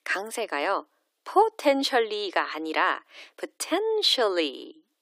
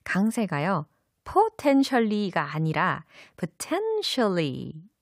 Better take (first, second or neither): second